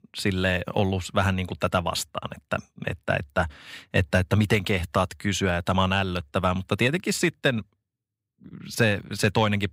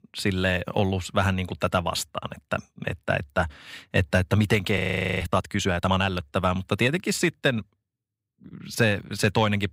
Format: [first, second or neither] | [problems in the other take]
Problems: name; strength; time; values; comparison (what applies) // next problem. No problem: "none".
first | audio freezing; at 5 s